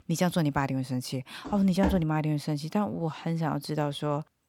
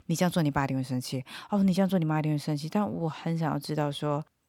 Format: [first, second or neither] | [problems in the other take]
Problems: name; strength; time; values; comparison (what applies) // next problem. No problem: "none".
second | footsteps; noticeable; at 1.5 s; peak 4 dB below the speech